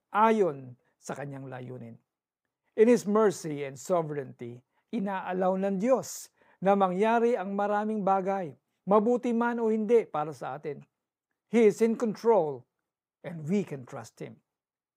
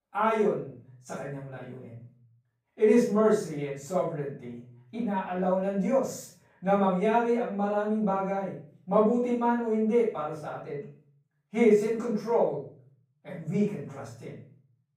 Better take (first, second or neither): first